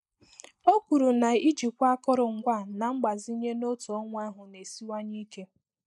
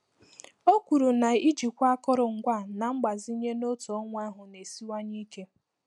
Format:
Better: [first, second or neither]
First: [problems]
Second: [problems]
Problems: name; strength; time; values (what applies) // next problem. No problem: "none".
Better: second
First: noise reduction (neural mask model Resemble Enhance denoiser)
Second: none